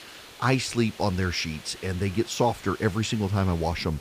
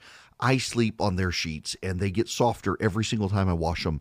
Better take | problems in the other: second | hiss; noticeable; throughout; 15 dB below the speech

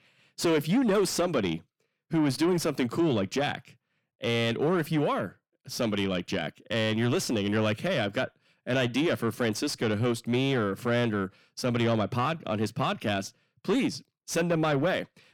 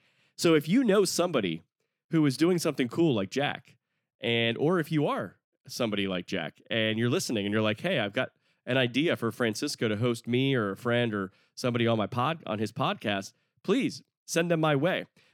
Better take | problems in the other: second | distortion; slight; 10 dB below the speech

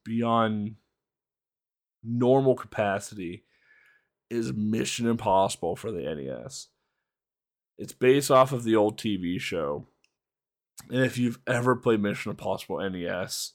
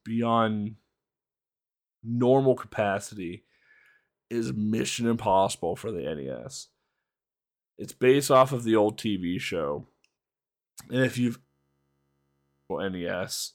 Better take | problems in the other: first | audio freezing; at 11 s for 1.5 s

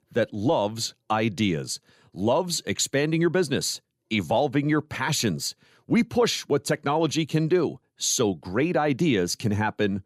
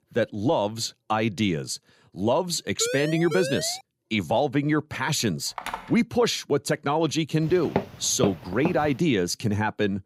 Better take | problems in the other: first | siren; noticeable; from 3 to 4 s; peak 5 dB below the speech // phone ringing; noticeable; at 5.5 s; peak 9 dB below the speech // footsteps; noticeable; from 7.5 to 9 s; peak 4 dB below the speech

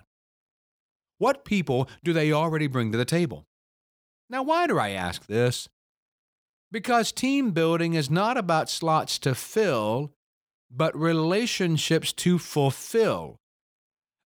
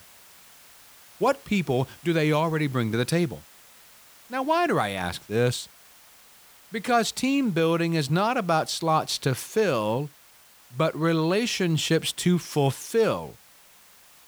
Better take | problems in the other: first | hiss; faint; throughout; 25 dB below the speech

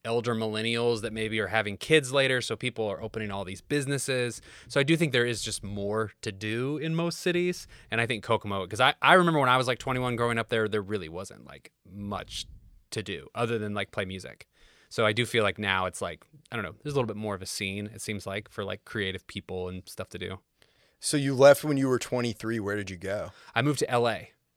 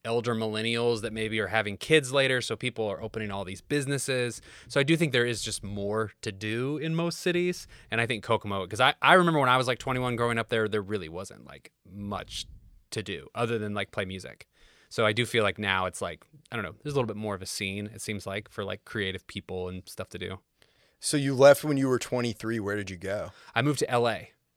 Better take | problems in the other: neither | none

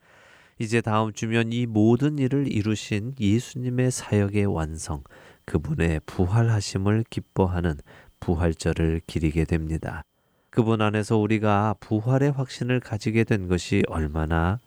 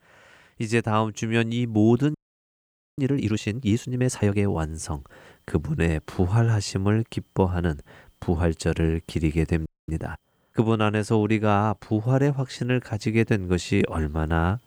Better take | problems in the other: first | audio freezing; at 2 s for 1 s and at 9.5 s

